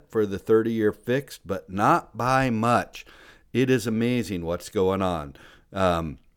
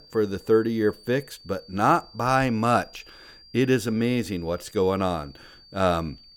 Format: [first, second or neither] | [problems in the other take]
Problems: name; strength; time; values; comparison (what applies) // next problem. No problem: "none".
first | high-pitched whine; faint; throughout; 4.5 kHz, 25 dB below the speech